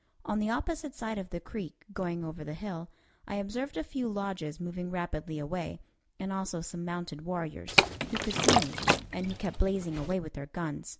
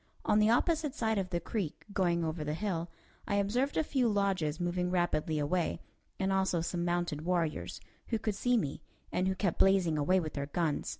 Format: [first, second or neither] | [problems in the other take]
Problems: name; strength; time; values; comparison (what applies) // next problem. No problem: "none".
second | background sound (Liquid); 5 dB above the speech